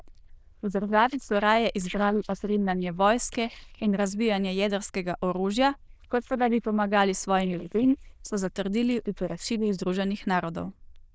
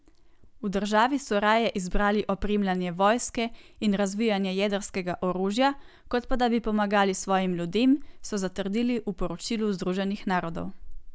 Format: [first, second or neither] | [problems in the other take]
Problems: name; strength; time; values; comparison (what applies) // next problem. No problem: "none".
second | noise reduction (neural diffusion model UNIVERSE++)